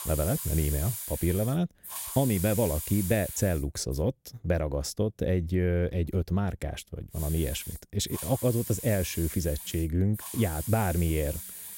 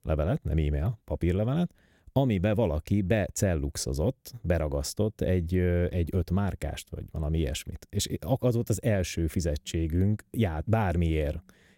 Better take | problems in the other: second | hiss; loud; until 4 s and from 7 s on; 7 dB below the speech

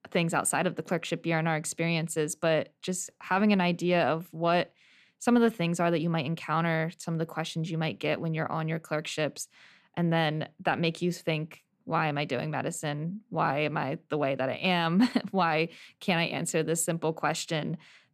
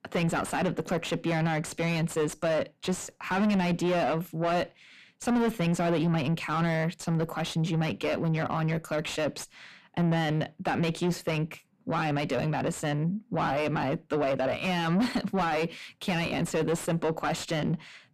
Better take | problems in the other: first | distortion; heavy; 5 dB below the speech

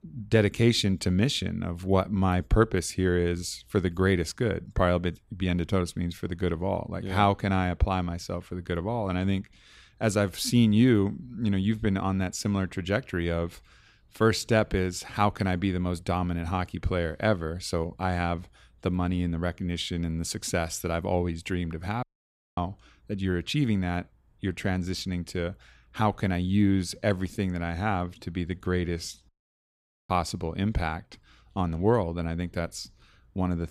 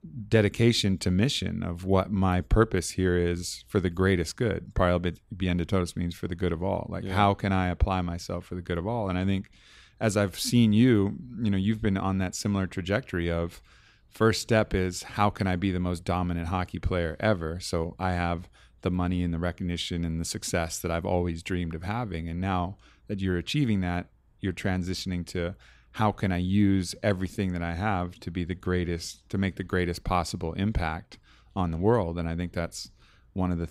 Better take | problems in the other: second | audio cutting out; at 22 s for 0.5 s and at 29 s for 1 s

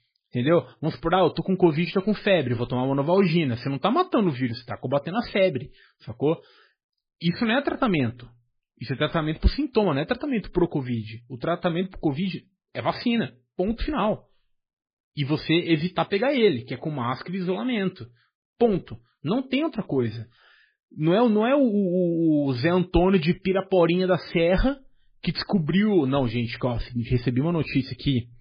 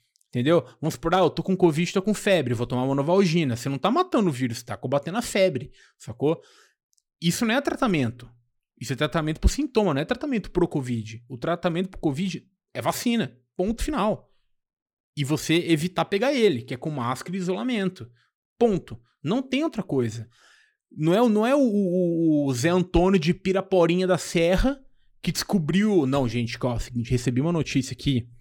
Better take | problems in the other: second | garbled, watery; badly; nothing above 4.5 kHz

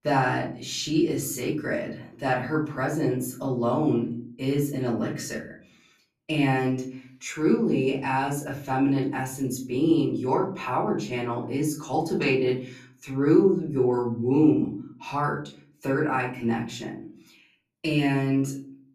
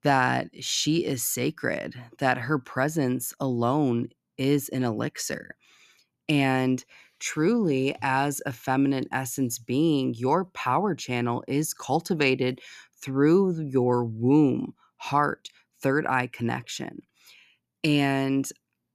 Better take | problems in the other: second | off-mic speech; far // room echo; slight; dies away in 0.4 s

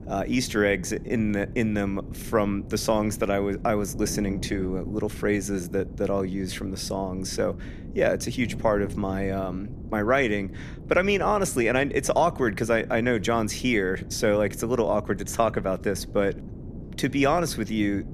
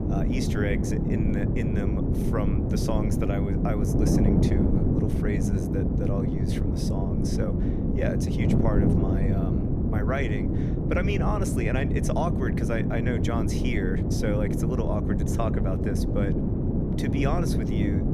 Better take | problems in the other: first | wind noise on the microphone; heavy; as loud as the speech; occasional gusts in the first

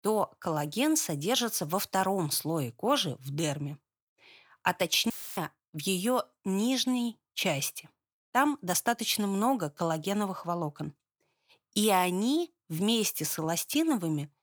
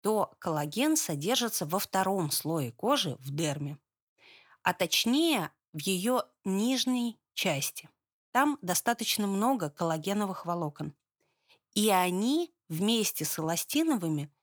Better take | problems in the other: second | audio cutting out; filled with static; at 5 s

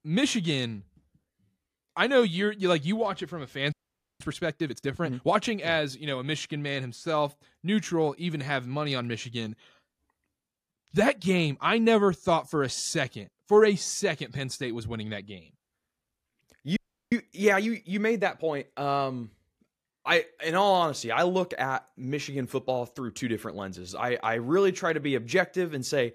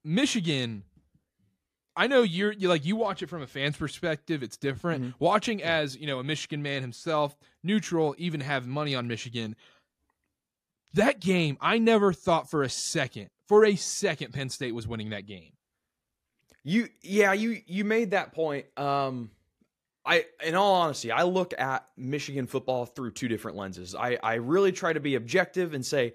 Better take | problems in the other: second | audio freezing; at 3.5 s and at 17 s

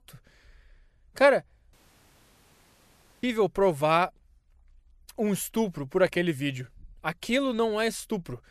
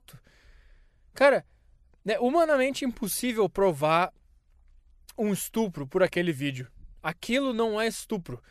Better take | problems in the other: second | audio cutting out; at 1.5 s for 1.5 s

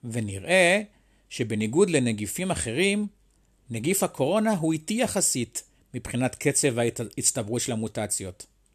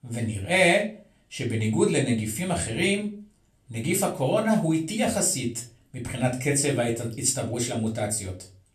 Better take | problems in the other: first | off-mic speech; far // room echo; very slight; dies away in 0.3 s

